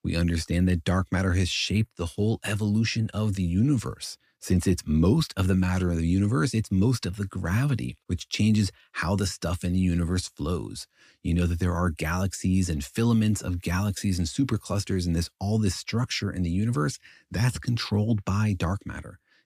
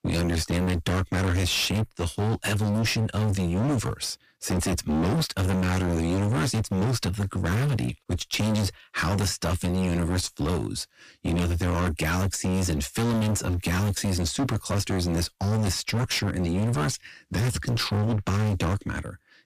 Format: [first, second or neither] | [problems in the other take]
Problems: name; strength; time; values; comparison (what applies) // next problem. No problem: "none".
first | distortion; heavy; 34% of the sound clipped